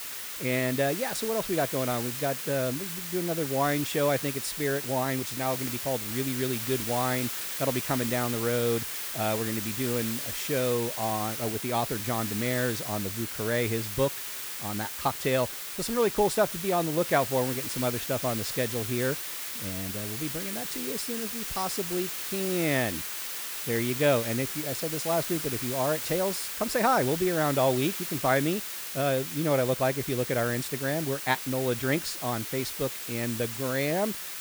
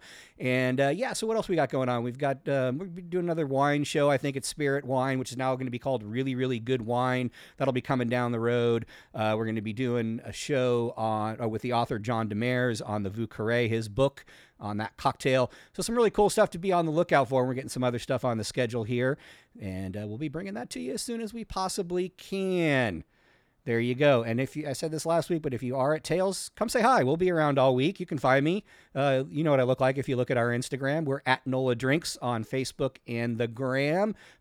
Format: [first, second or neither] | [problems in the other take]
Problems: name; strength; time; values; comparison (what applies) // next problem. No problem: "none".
second | hiss; loud; throughout; 3 dB below the speech